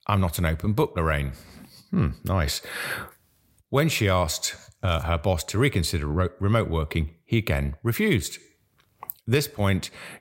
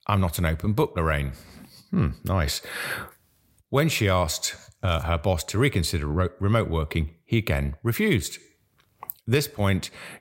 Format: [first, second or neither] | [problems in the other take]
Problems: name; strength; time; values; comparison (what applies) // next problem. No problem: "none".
neither | none